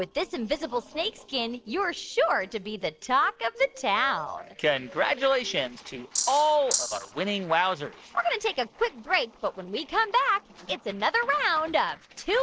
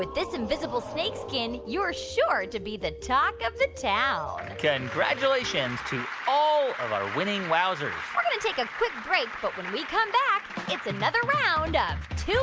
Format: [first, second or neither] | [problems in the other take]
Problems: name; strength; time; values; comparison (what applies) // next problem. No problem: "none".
second | noise reduction (neural separator model SepFormer DNS4)